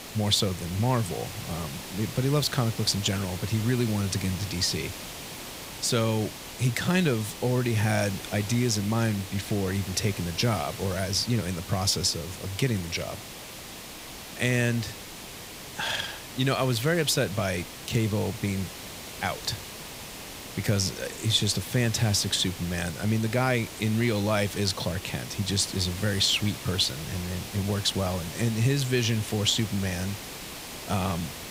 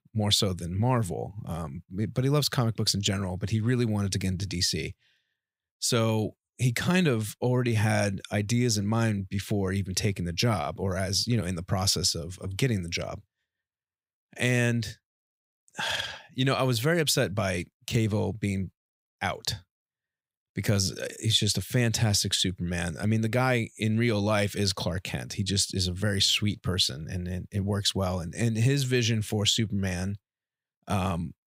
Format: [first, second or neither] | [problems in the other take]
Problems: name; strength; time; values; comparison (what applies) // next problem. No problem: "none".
second | hiss; noticeable; throughout; 10 dB below the speech